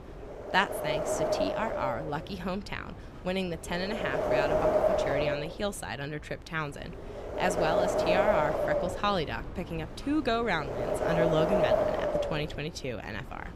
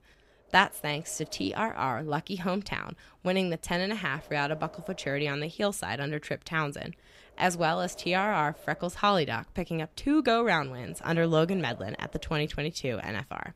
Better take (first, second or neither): second